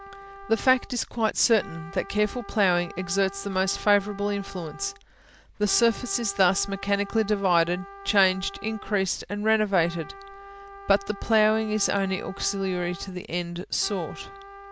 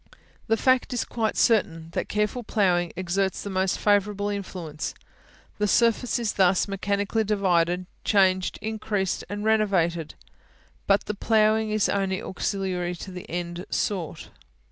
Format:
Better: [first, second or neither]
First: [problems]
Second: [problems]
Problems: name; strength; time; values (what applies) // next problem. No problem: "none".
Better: second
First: background sound (Trumpet); 17 dB below the speech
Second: none